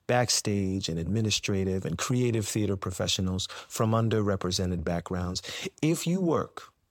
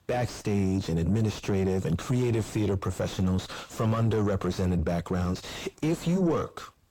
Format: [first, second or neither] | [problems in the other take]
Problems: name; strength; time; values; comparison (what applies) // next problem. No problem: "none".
first | distortion; heavy; 5 dB below the speech